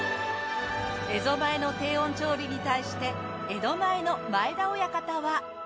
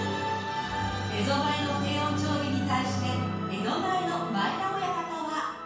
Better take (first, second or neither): first